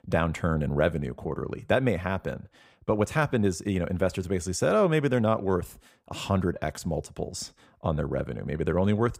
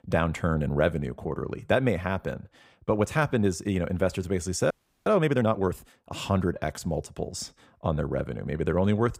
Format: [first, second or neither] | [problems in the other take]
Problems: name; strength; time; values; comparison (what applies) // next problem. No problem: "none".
first | audio freezing; at 4.5 s